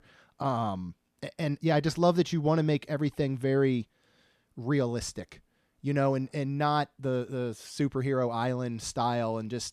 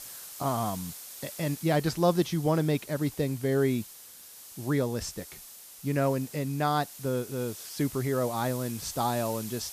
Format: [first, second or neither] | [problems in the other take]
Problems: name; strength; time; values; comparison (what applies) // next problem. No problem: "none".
first | hiss; noticeable; throughout; 15 dB below the speech